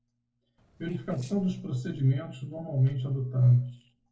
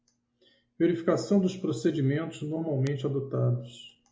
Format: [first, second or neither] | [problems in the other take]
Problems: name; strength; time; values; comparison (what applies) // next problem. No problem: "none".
second | noise reduction (neural separator model SepFormer DNS4)